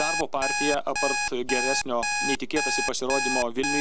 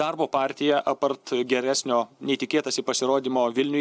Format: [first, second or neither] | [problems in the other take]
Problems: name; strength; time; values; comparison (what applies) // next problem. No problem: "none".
second | background sound (Alarm); 1 dB above the speech